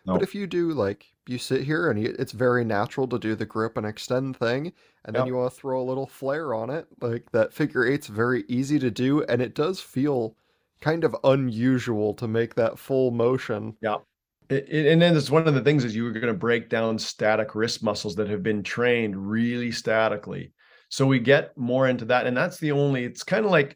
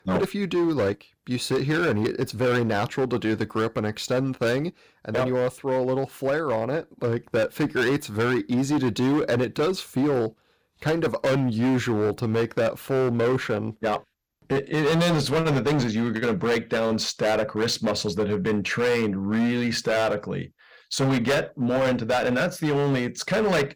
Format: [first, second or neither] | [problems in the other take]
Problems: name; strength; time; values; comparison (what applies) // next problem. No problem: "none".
first | distortion; heavy; 17% of the sound clipped